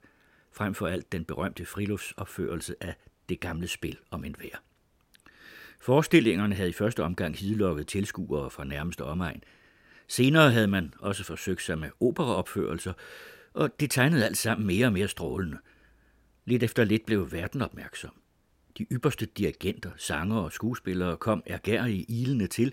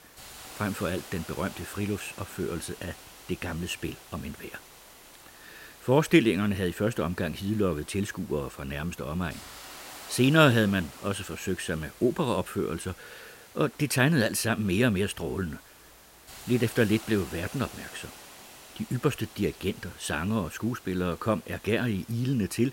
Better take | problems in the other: first | hiss; noticeable; throughout; 20 dB below the speech

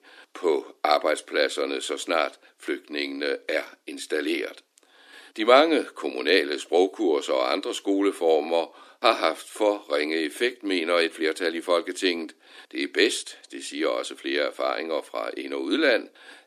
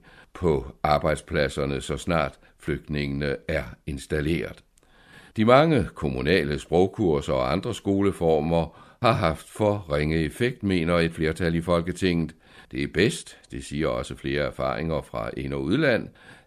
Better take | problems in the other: second | thin; somewhat; fading below 300 Hz

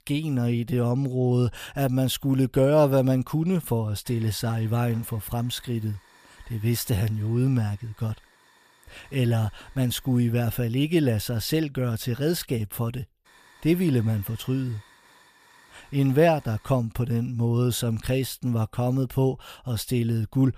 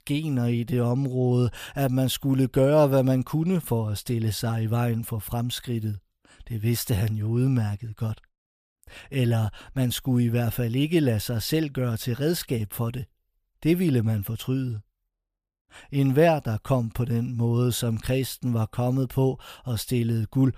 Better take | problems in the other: second | hiss; faint; from 4 to 10 s and from 13 to 17 s; 30 dB below the speech

